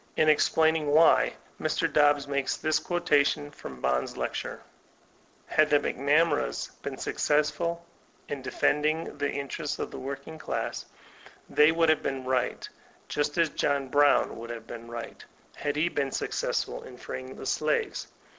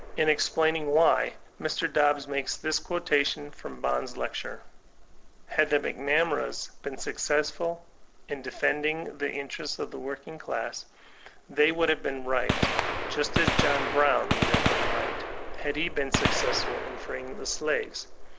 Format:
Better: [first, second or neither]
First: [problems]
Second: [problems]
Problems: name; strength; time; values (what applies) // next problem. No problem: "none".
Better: first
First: none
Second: background sound (Gunshot, gunfire); 4 dB below the speech